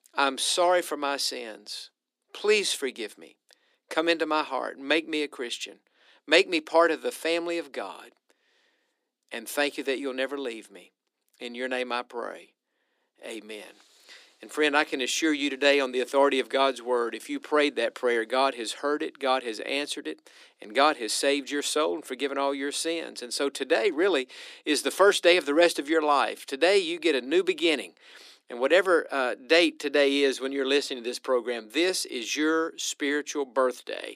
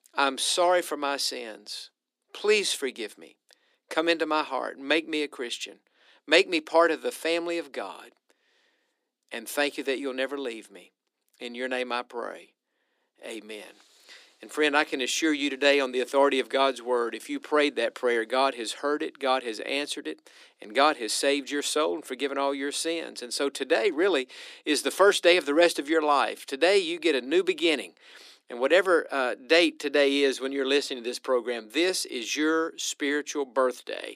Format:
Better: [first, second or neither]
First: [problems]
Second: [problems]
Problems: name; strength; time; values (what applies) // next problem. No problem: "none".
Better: neither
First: thin; very slightly; fading below 300 Hz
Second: thin; very slightly; fading below 300 Hz